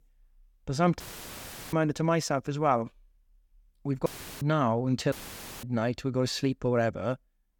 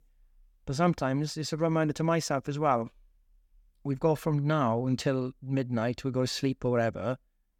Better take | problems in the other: second | audio cutting out; filled with static; at 1 s for 0.5 s, at 4 s and at 5 s for 0.5 s

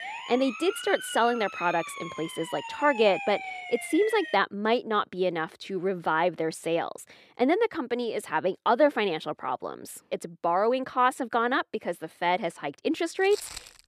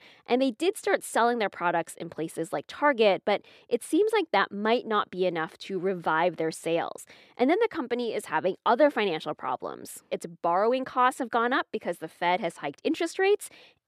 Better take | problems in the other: second | siren; noticeable; until 4.5 s; peak 7 dB below the speech // footsteps; faint; at 13 s; peak 10 dB below the speech

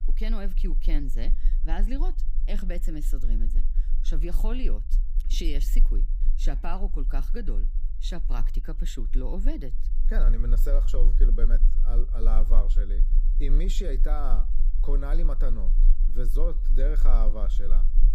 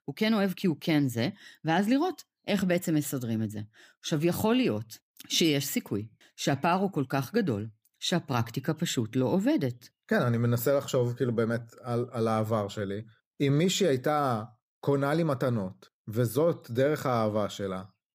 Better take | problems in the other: second | low rumble; noticeable; throughout; 15 dB below the speech

